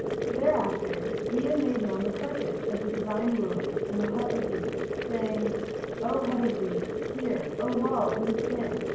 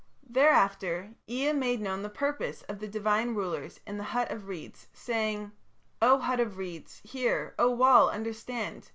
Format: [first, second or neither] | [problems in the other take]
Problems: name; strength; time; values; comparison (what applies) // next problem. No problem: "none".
second | background sound (Boiling); as loud as the speech // room echo; dies away in 0.9 s